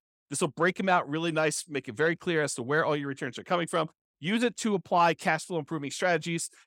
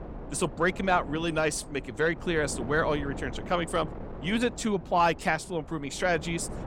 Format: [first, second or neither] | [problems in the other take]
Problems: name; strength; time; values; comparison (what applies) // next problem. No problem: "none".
first | wind noise on the microphone; occasional gusts; 15 dB below the speech